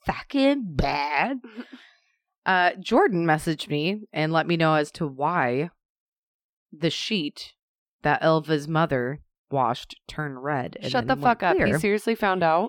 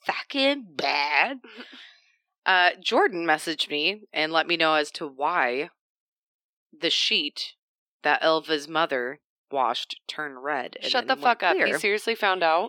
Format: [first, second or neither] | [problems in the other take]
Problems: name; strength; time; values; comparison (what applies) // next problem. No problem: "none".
first | thin; somewhat; fading below 300 Hz